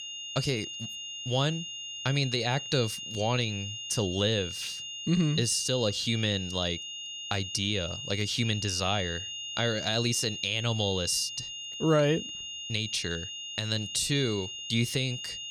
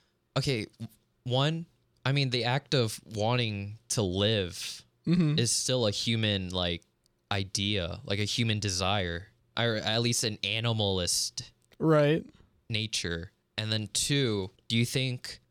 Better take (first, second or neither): second